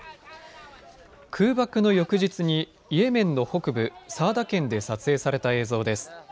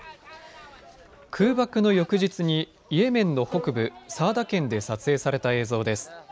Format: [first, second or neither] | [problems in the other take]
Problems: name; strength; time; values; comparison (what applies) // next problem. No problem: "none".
first | background sound (Bowed string instrument); 14 dB below the speech